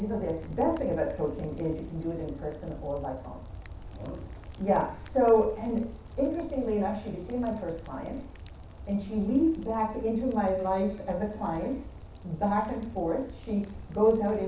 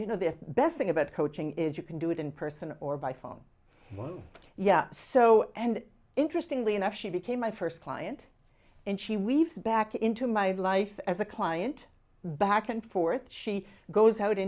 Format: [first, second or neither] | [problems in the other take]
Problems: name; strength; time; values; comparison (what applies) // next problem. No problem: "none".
second | background sound (Rain); 13 dB below the speech // room echo; dies away in 0.7 s